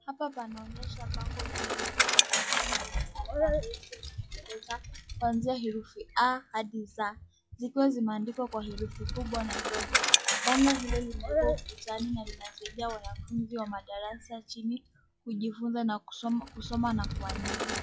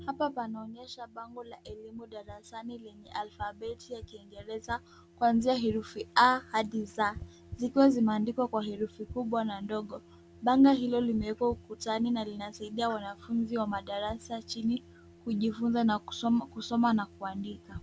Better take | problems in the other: second | noise reduction (classical method log-MMSE)

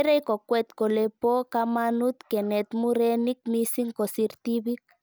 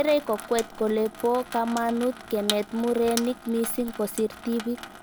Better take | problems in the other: first | background sound (Sink (filling or washing) / Water tap, faucet); 12 dB below the speech

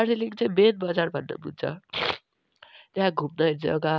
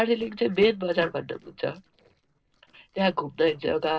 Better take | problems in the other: first | noise reduction (neural separator model SepFormer DNS4)

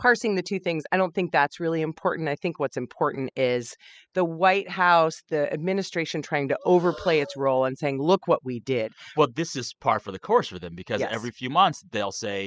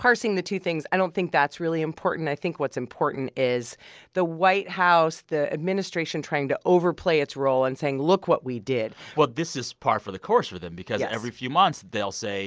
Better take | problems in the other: second | noise reduction (classical method spectral subtraction)

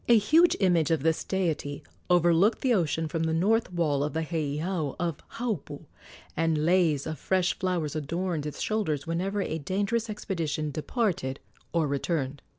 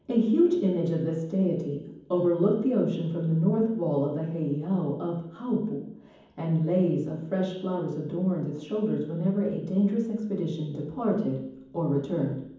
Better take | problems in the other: first | room echo; dies away in 1.2 s

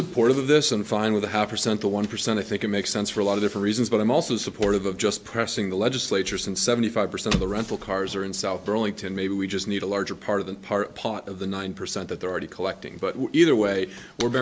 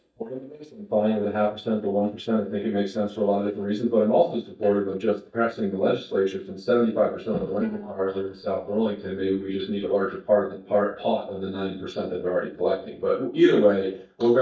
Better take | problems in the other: first | noise reduction (neural mask model DeepFilterNet 3)

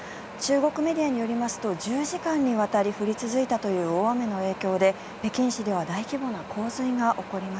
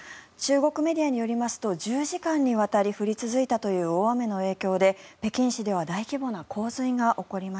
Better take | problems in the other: second | background sound (Wind); 13 dB below the speech

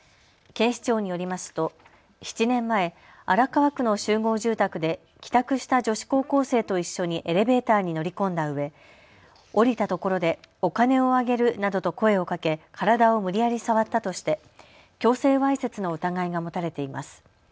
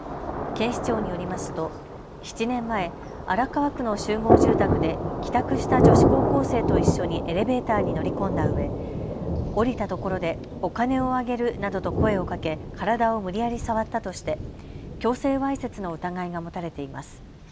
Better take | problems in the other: first | background sound (Thunder); 1 dB above the speech

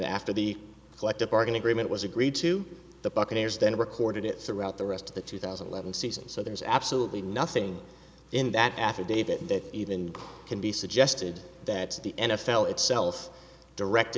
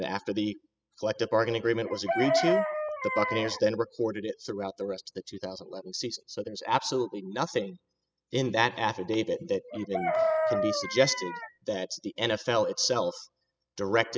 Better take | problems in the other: first | noise reduction (classical method spectral subtraction)

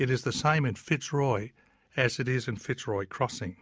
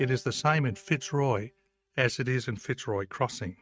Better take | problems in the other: first | noise reduction (neural mask model RNNoise)

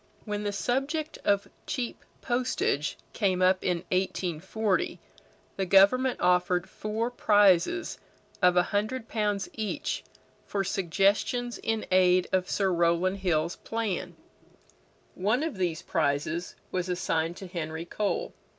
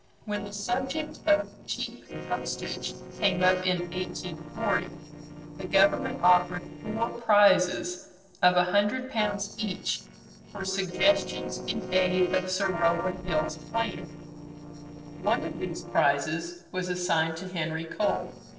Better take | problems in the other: first | noise reduction (neural separator model SepFormer DNS4)

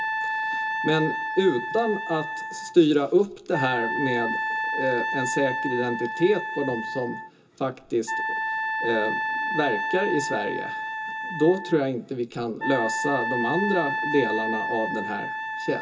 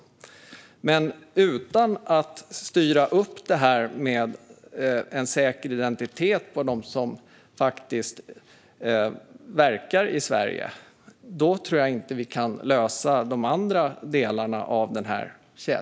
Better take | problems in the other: second | background sound (Wind instrument, woodwind instrument); 3 dB below the speech // room echo; dies away in 0.2 s

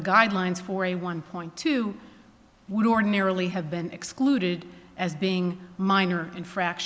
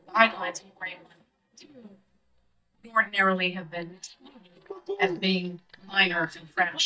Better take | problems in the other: first | noise reduction (neural mask model DeepFilterNet 3)

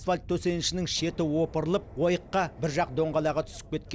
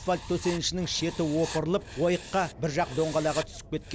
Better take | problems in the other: first | background sound (Writing); 15 dB below the speech

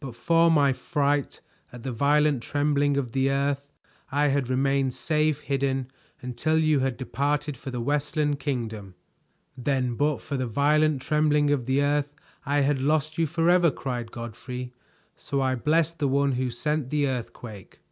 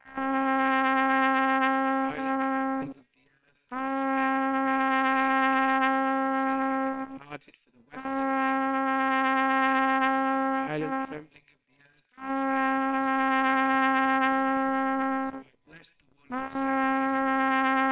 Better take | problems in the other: first | noise reduction (neural separator model SepFormer WHAMR!)

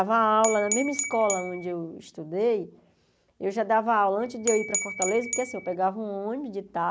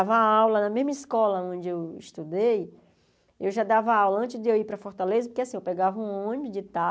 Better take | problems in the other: second | background sound (Glass / Bell); 5 dB below the speech

